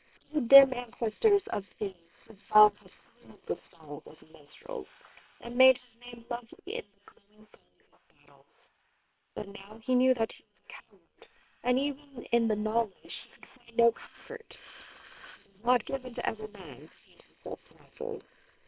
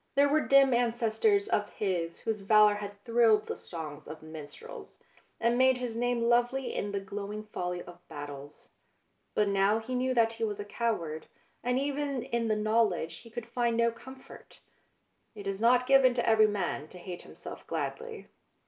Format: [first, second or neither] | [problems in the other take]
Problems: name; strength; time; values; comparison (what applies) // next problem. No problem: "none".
second | noise reduction (neural separator model SepFormer WHAM!)